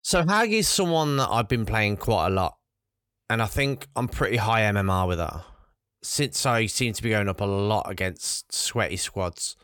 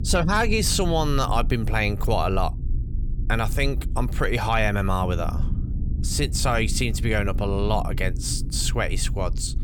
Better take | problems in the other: first | low rumble; noticeable; throughout; 20 dB below the speech

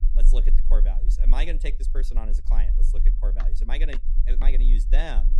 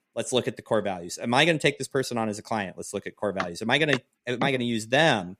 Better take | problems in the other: second | low rumble; noticeable; throughout; 15 dB below the speech

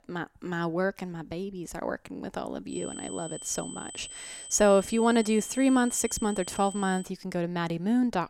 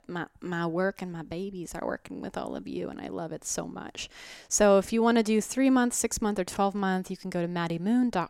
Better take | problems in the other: second | high-pitched whine; noticeable; from 2.5 to 7 s; 8 kHz, 10 dB below the speech

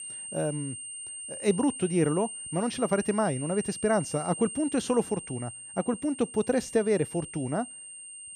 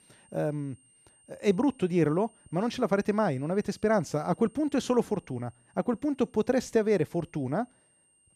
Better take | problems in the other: second | high-pitched whine; loud; throughout; 8.5 kHz, 9 dB below the speech; faint in the second

